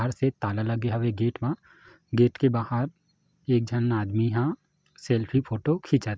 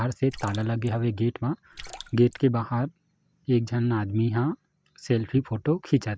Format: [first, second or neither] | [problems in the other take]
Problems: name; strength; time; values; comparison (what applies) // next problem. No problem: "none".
first | noise reduction (neural mask model Resemble Enhance denoiser)